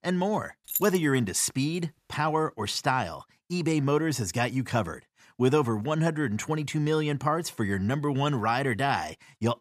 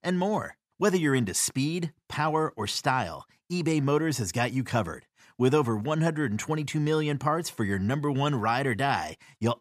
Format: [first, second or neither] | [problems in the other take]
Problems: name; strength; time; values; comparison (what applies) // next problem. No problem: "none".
second | jangling keys; noticeable; at 0.5 s; peak 3 dB below the speech